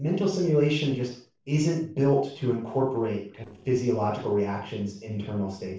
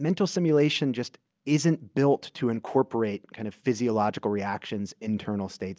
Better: second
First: noise reduction (neural separator model SepFormer DNS4)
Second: none

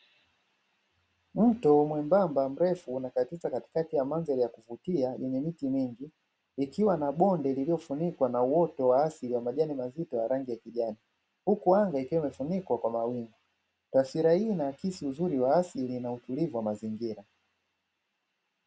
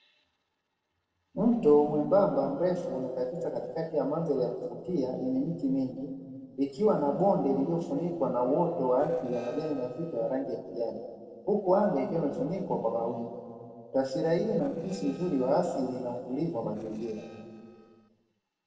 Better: first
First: none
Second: noise reduction (neural separator model SepFormer DNS4)

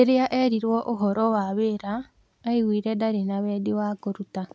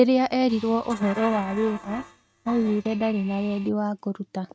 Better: first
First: none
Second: noise reduction (neural mask model RNNoise)

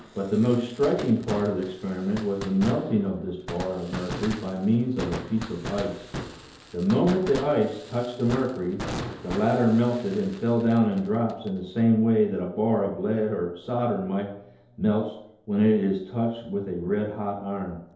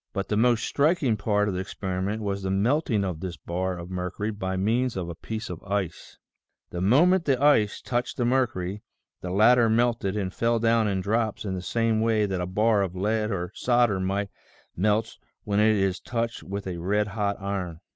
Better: second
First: background sound (Fireworks); 14 dB below the speech // room echo; dies away in 2.2 s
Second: none

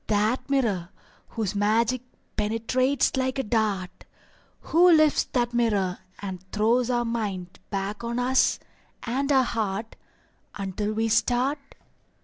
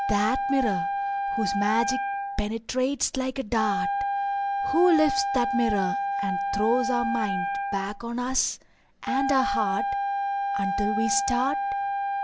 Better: first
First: none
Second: background sound (Wind instrument, woodwind instrument); as loud as the speech

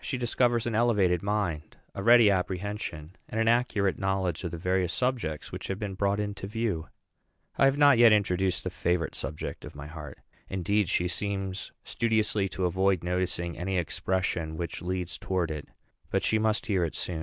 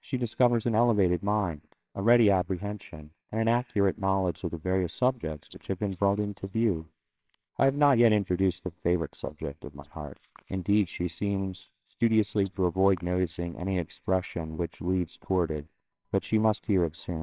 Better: first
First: none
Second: noise reduction (neural separator model SepFormer WHAMR!)

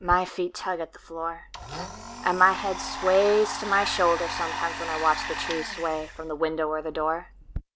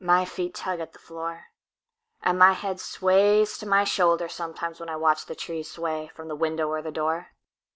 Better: second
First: background sound (Domestic sounds, home sounds); 9 dB below the speech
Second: none

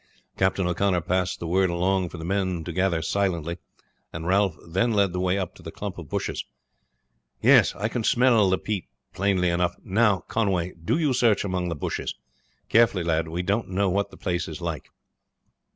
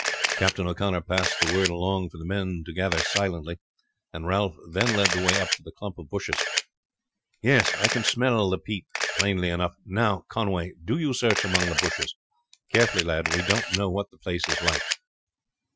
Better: first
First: none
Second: noise reduction (classical method Wiener filter)

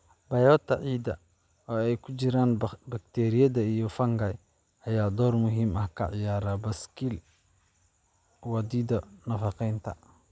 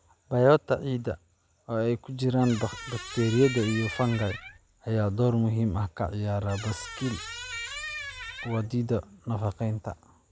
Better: first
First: none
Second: background sound (Squeak); 11 dB below the speech

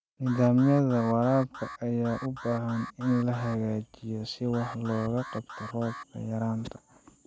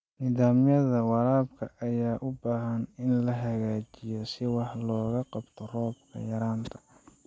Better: second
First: background sound (Alarm); 15 dB below the speech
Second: none

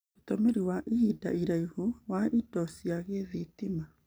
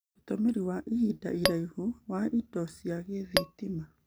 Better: first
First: none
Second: background sound (Tap / Glass); 1 dB above the speech

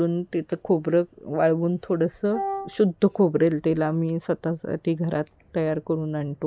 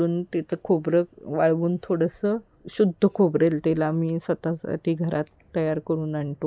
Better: second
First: background sound (Wind instrument, woodwind instrument); 8 dB below the speech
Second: none

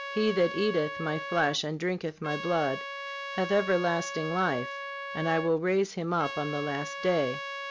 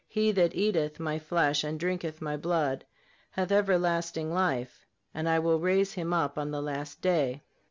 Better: second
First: background sound (Trumpet); 8 dB below the speech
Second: none

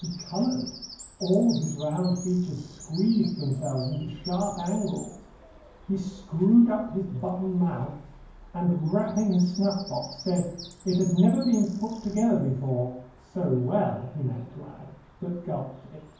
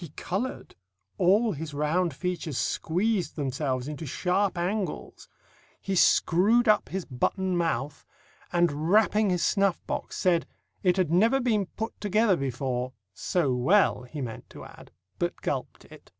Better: second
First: background sound (Bird vocalization, bird call, bird song); 19 dB below the speech // room echo; dies away in 0.9 s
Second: none

